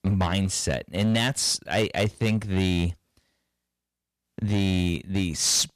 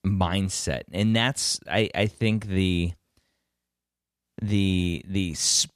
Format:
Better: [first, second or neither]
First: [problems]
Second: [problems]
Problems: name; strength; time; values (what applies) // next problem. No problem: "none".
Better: second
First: distortion; slight; 8% of the sound clipped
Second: none